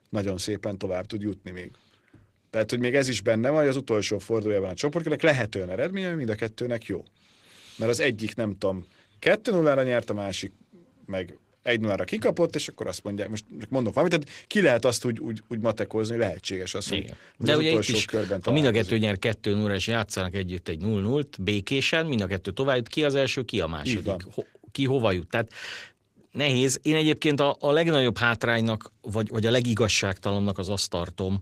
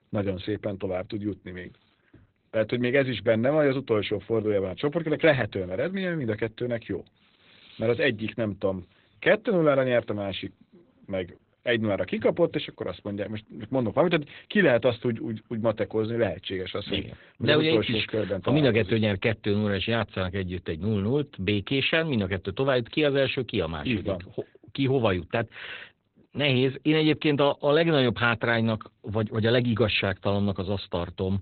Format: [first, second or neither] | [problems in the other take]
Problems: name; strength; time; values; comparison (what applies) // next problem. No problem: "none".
first | garbled, watery; badly; nothing above 4 kHz; slightly in the first